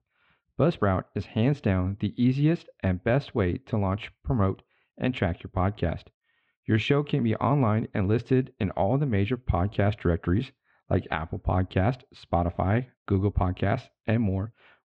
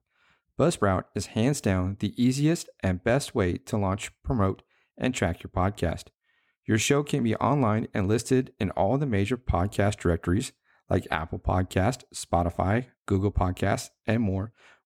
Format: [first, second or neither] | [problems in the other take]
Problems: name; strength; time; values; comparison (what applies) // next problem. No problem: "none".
second | muffled; very; fading above 3.5 kHz